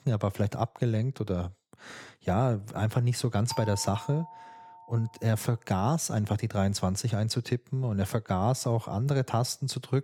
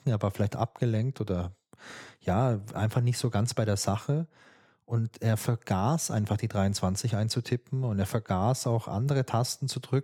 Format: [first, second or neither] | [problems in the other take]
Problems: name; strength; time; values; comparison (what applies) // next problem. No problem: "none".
second | doorbell; noticeable; from 3.5 to 5 s; peak 10 dB below the speech